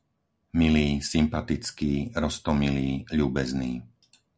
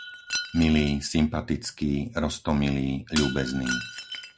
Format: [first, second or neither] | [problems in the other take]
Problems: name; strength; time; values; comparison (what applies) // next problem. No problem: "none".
first | background sound (Shatter); 11 dB below the speech